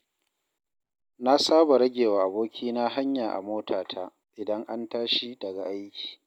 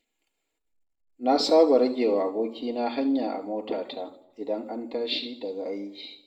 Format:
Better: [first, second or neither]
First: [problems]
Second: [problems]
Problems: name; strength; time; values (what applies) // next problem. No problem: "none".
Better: first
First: none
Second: room echo; dies away in 0.6 s